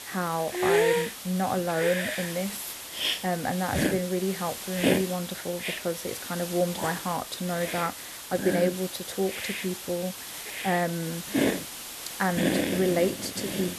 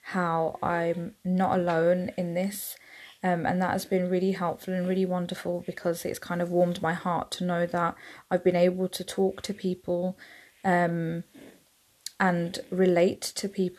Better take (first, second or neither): second